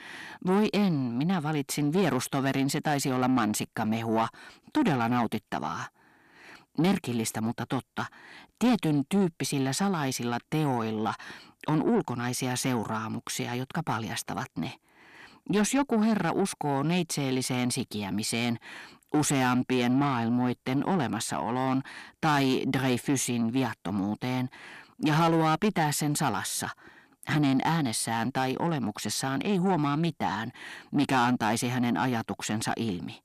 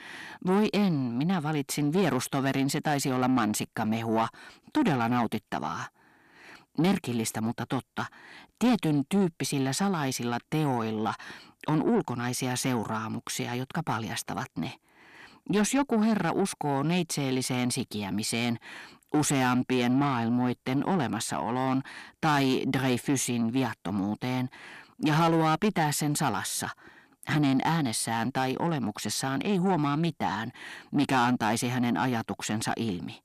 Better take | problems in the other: neither | distortion; slight; 10 dB below the speech; the same in both

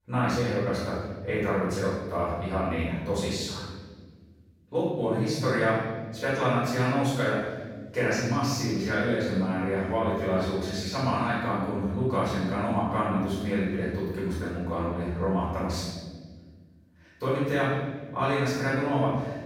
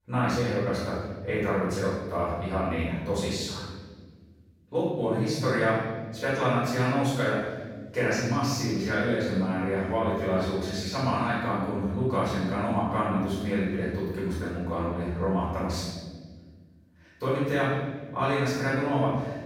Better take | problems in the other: neither | off-mic speech; far; the same in both // room echo; strong; dies away in 1.6 s; the same in both

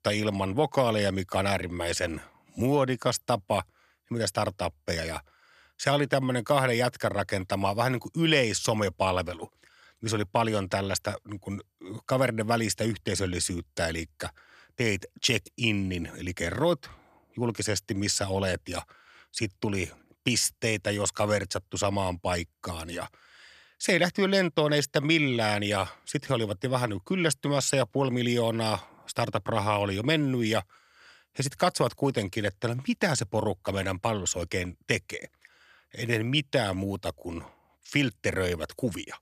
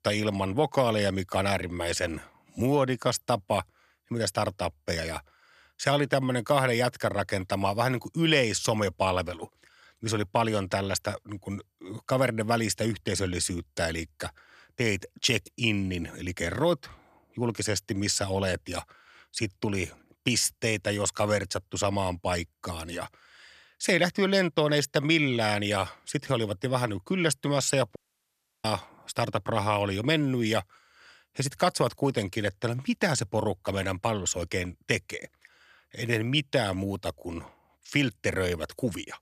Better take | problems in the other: first | audio cutting out; at 28 s for 0.5 s

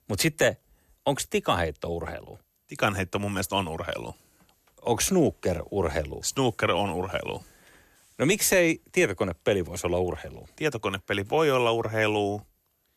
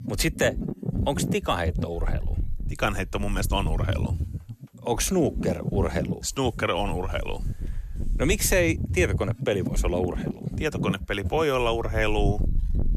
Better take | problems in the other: first | wind noise on the microphone; occasional gusts; 15 dB below the speech

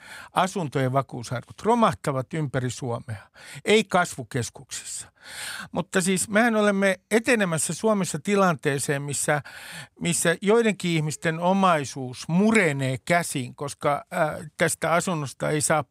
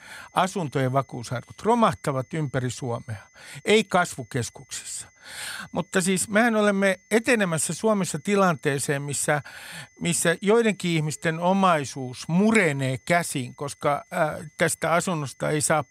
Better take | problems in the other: first | high-pitched whine; faint; throughout; 2 kHz, 30 dB below the speech

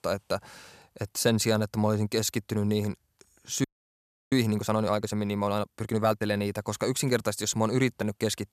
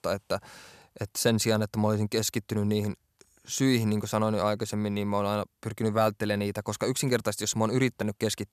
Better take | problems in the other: second | audio freezing; at 3.5 s for 0.5 s

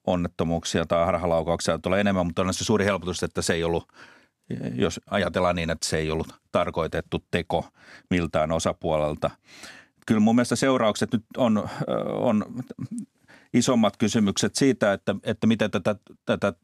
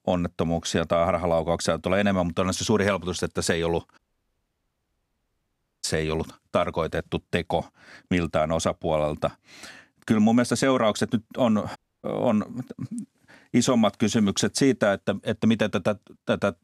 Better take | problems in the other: first | audio cutting out; at 4 s for 2 s and at 12 s

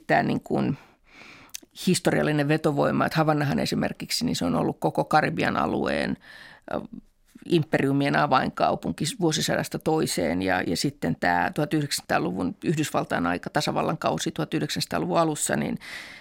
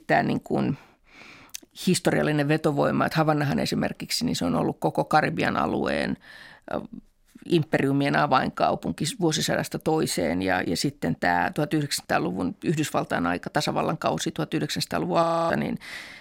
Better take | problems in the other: first | audio freezing; at 15 s

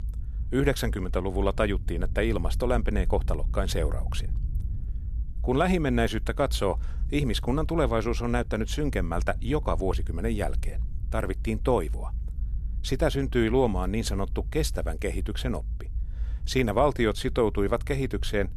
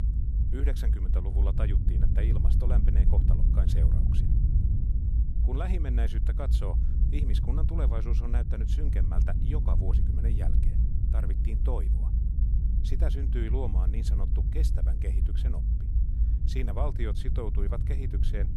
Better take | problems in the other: first | low rumble; loud; throughout; 3 dB below the speech; faint in the first

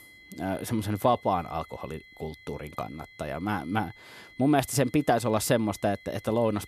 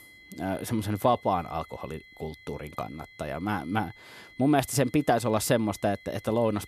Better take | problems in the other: neither | high-pitched whine; faint; throughout; 2 kHz, 20 dB below the speech; the same in both

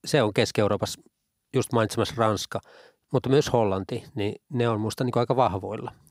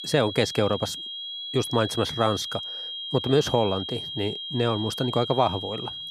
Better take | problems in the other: first | high-pitched whine; loud; throughout; 3 kHz, 6 dB below the speech

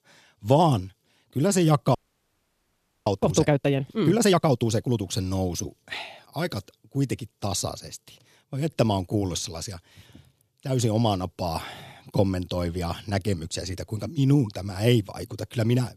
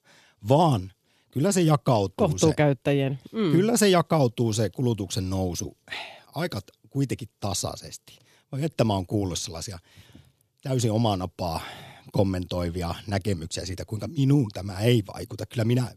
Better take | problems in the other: second | audio freezing; at 2 s for 1 s

